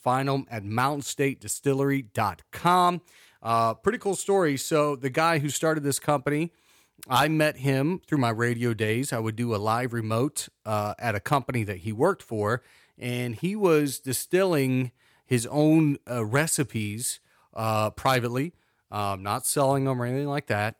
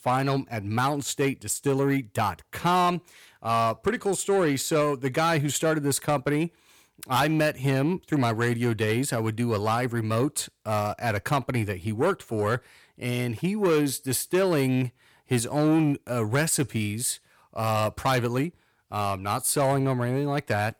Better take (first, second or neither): first